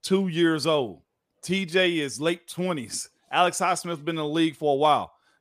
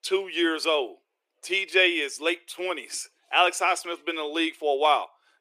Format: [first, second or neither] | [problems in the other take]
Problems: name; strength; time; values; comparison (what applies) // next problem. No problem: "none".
first | thin; very; fading below 350 Hz